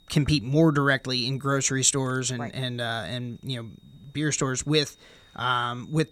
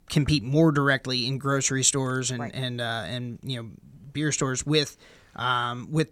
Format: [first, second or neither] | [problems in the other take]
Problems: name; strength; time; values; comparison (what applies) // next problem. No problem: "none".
second | high-pitched whine; faint; throughout; 3.5 kHz, 35 dB below the speech